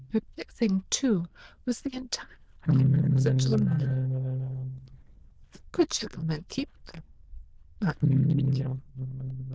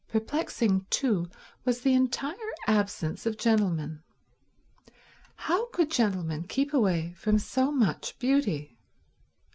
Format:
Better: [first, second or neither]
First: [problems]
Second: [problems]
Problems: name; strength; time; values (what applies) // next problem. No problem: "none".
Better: second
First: noise reduction (neural diffusion model UNIVERSE++)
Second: none